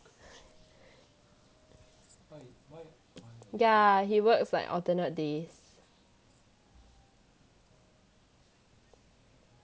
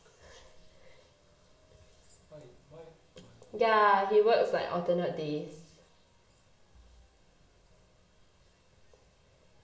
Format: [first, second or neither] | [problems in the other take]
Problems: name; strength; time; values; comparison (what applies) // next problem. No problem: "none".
first | room echo; dies away in 0.7 s